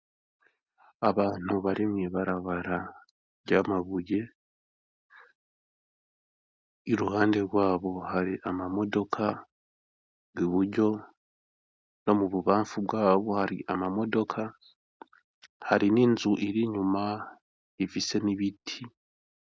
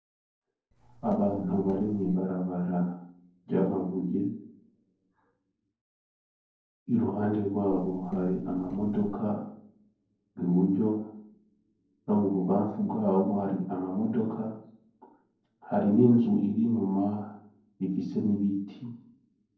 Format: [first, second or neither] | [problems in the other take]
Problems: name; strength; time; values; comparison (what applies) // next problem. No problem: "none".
first | noise reduction (neural separator model SepFormer DNS4)